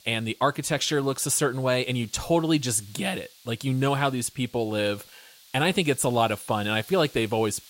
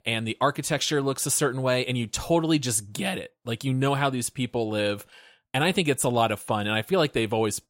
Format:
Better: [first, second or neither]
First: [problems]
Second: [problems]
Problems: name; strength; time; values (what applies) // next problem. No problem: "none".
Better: second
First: hiss; faint; throughout; 25 dB below the speech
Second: none